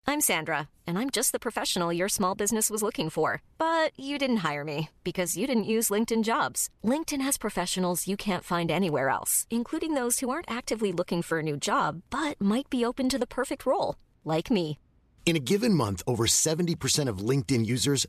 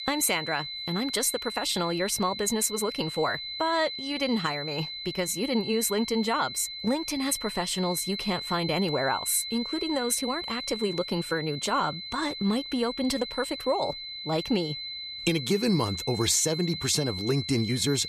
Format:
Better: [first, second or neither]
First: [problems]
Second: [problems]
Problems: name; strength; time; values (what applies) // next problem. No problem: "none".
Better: first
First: none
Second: high-pitched whine; loud; throughout; 4 kHz, 6 dB below the speech